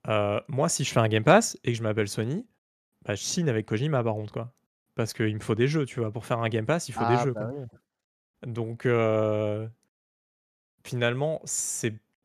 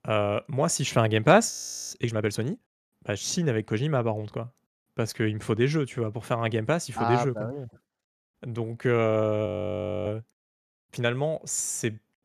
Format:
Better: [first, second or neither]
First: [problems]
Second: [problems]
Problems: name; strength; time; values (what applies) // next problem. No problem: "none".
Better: first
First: none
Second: audio freezing; at 1.5 s and at 9.5 s for 0.5 s